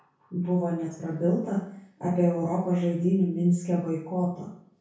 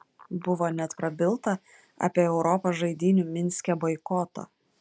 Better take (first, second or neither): second